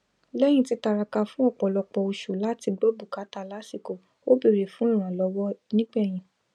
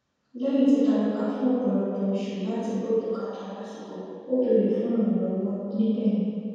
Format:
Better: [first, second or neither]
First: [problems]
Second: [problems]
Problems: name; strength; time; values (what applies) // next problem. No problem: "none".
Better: first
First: none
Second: room echo; dies away in 2.1 s